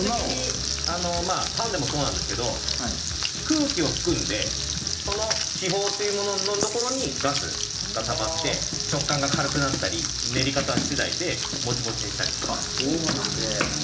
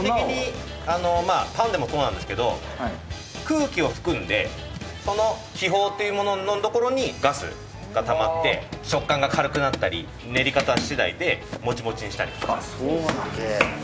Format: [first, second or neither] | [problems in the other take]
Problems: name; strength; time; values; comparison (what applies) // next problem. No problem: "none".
second | background sound (Frying (food)); 1 dB below the speech // room echo; dies away in 0.4 s